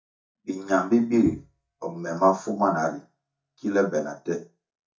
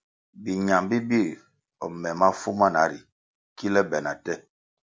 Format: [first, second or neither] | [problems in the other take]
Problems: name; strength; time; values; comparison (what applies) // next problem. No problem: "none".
second | noise reduction (neural mask model DeepFilterNet 3)